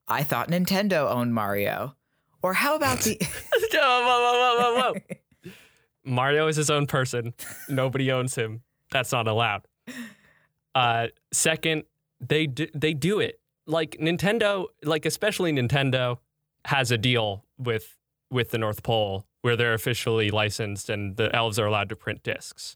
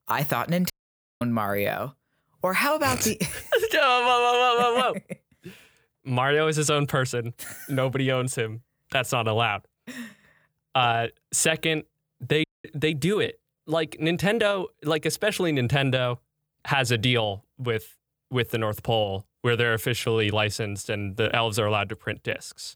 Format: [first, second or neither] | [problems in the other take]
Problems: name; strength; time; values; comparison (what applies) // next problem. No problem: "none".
first | audio cutting out; at 0.5 s for 0.5 s and at 12 s